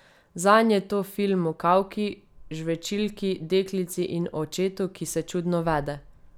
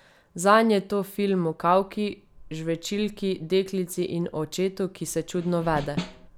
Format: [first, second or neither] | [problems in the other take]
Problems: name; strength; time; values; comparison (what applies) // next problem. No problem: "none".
first | background sound (Snare drum); 10 dB below the speech